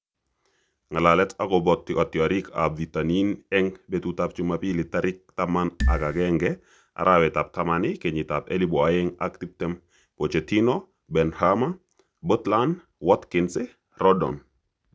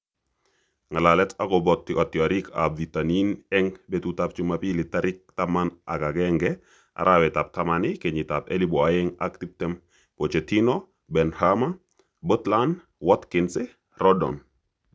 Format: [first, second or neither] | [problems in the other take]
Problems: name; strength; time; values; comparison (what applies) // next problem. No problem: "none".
second | background sound (Marimba, xylophone); 1 dB above the speech